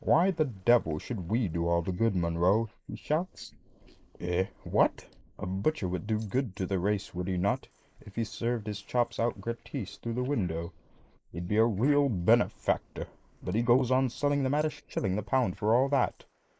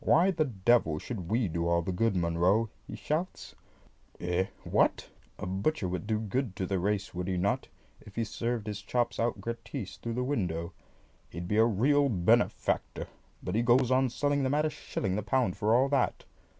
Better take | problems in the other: second | noise reduction (neural mask model Resemble Enhance denoiser)

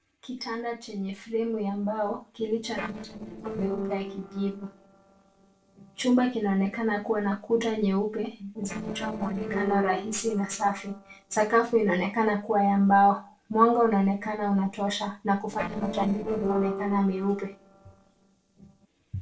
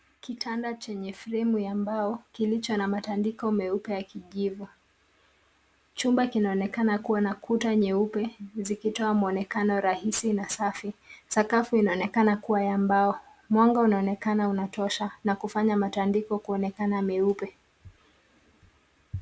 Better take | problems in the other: second | noise reduction (neural separator model SepFormer DNS4)

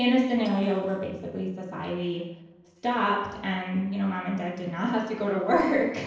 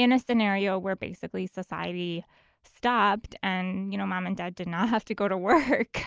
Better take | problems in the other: second | noise reduction (neural separator model SepFormer DNS4)

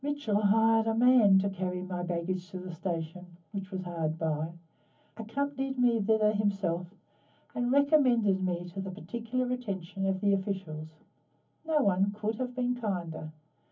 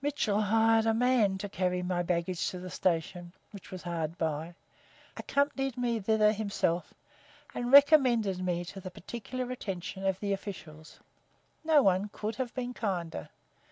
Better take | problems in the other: second | room echo; dies away in 0.3 s

